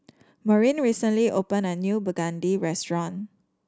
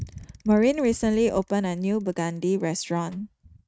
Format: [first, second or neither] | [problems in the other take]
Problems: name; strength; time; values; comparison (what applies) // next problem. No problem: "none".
first | noise reduction (neural mask model RNNoise)